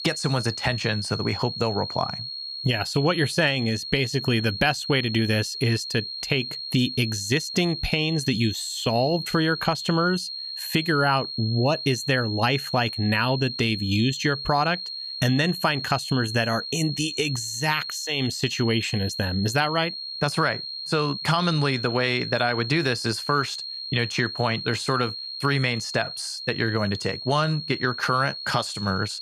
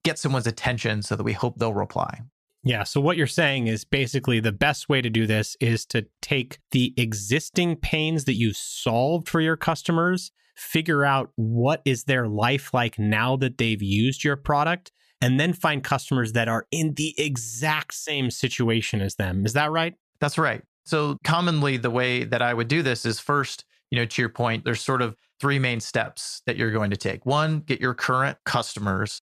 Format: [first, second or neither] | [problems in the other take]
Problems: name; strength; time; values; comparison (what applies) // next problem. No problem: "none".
second | high-pitched whine; loud; throughout; 4.5 kHz, 6 dB below the speech